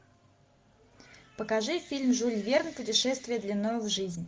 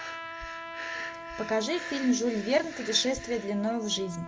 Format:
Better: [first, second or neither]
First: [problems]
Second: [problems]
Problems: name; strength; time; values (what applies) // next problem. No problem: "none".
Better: first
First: none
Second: background sound (Trumpet + Breathing); 9 dB below the speech